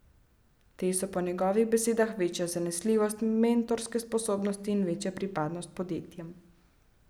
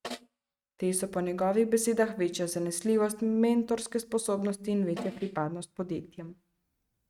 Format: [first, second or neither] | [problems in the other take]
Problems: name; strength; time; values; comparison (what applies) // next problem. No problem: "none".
first | noise reduction (neural mask model RNNoise)